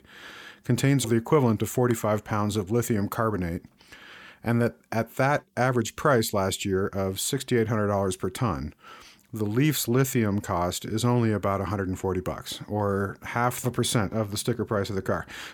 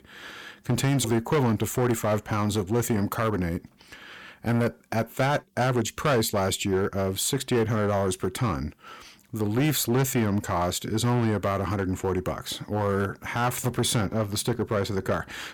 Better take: first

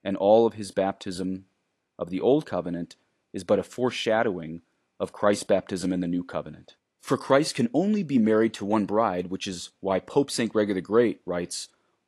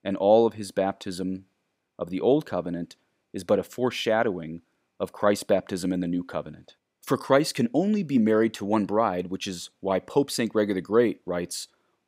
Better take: second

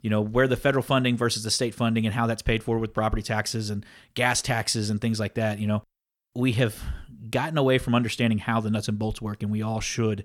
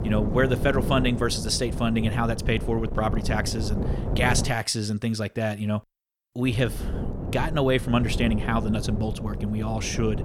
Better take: first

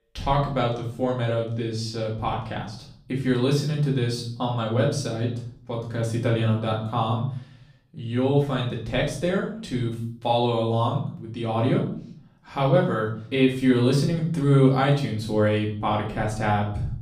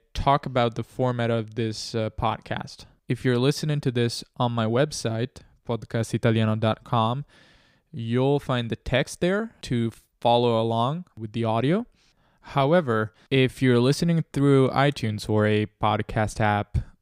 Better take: second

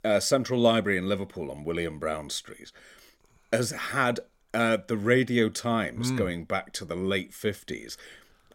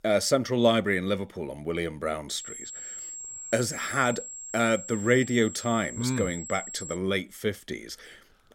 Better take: first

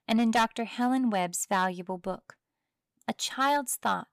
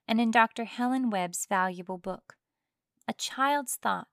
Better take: second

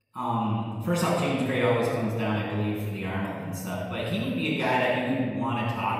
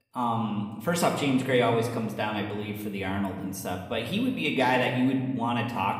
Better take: second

